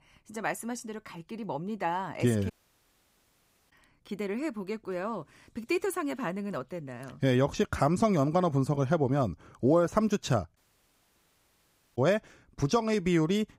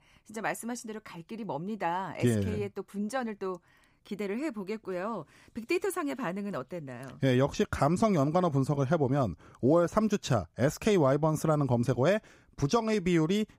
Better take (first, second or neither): second